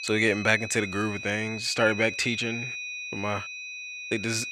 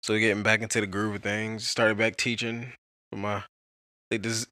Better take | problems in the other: second | high-pitched whine; loud; throughout; 2.5 kHz, 8 dB below the speech

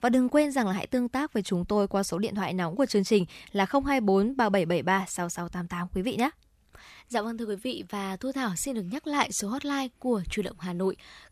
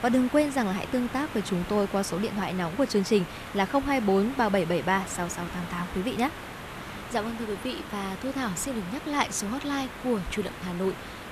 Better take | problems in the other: first | hiss; noticeable; throughout; 10 dB below the speech

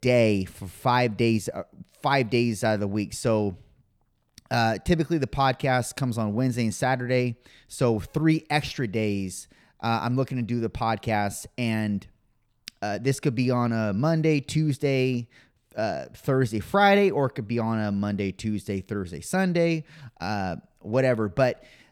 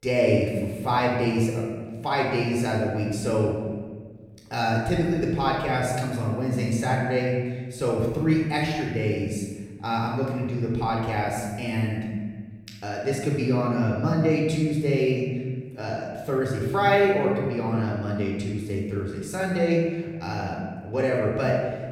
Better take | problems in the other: first | off-mic speech; far // room echo; noticeable; dies away in 1.4 s

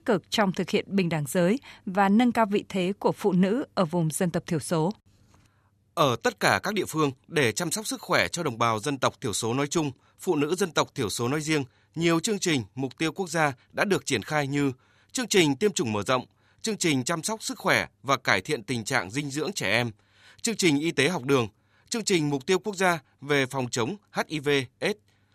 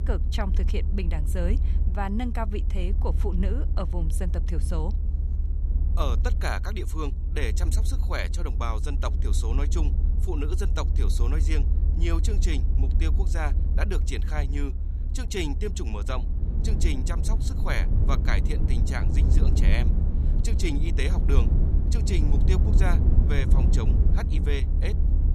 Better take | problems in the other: first | low rumble; loud; throughout; 7 dB below the speech

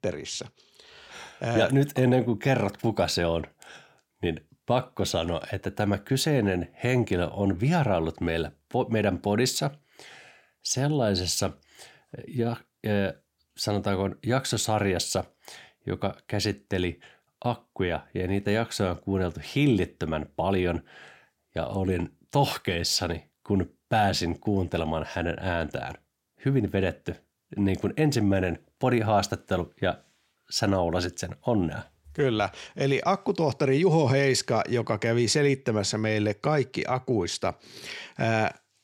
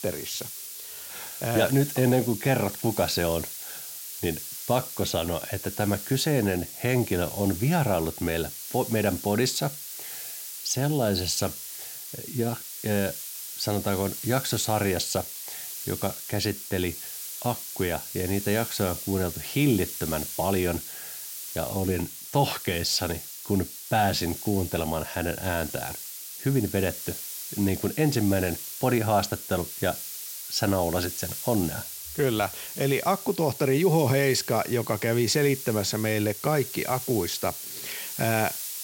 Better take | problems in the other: first | hiss; loud; throughout; 8 dB below the speech

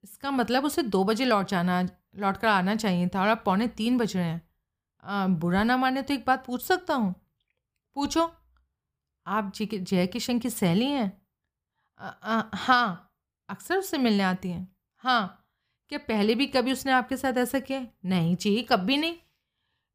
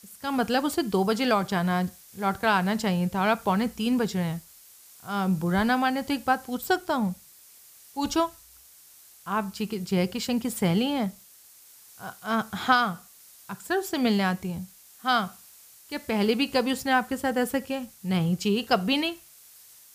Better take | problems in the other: first | hiss; faint; throughout; 20 dB below the speech

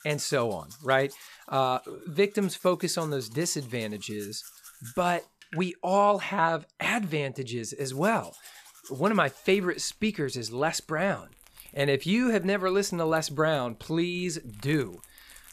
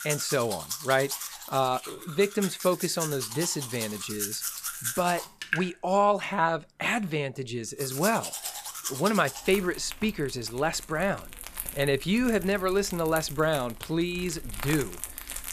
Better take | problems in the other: first | household noises; loud; throughout; 7 dB below the speech; faint in the first

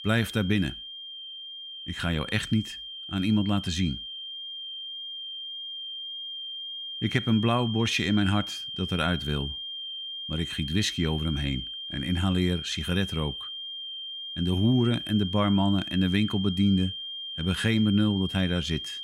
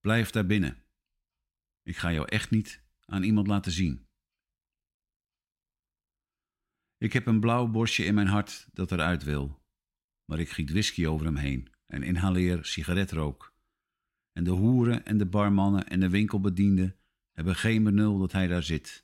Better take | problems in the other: second | high-pitched whine; loud; throughout; 3 kHz, 7 dB below the speech

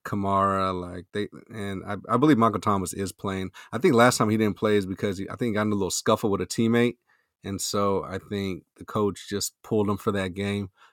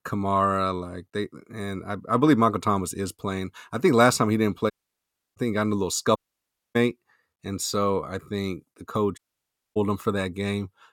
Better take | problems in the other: first | audio cutting out; at 4.5 s for 0.5 s, at 6 s for 0.5 s and at 9 s for 0.5 s

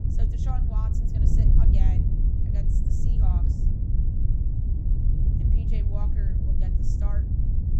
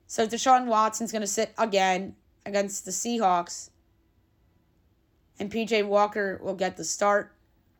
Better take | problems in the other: second | wind noise on the microphone; heavy; 5 dB above the speech

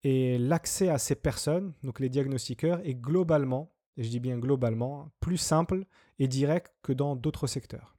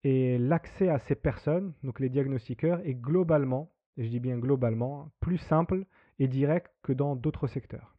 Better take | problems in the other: first | muffled; very; fading above 2.5 kHz

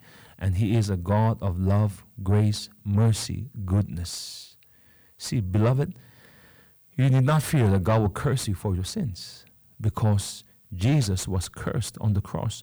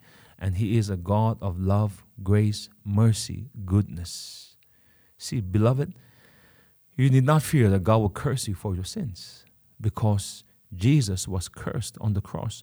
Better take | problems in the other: second | distortion; slight; 10 dB below the speech

